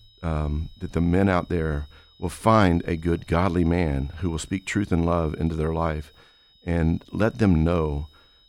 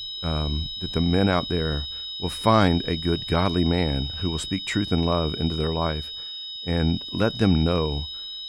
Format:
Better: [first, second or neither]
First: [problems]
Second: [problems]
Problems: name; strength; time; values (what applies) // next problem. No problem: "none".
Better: first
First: high-pitched whine; faint; throughout; 4 kHz, 30 dB below the speech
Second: high-pitched whine; loud; throughout; 4 kHz, 7 dB below the speech